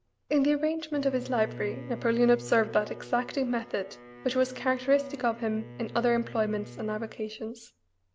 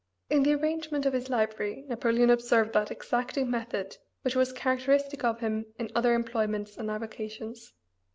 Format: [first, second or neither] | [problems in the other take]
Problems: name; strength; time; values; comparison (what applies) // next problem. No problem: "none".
second | background sound (Bowed string instrument); 16 dB below the speech